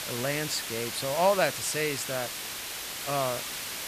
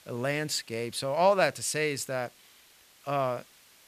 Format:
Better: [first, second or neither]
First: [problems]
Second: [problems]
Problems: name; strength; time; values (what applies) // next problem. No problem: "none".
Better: second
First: hiss; loud; throughout; 4 dB below the speech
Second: hiss; faint; throughout; 25 dB below the speech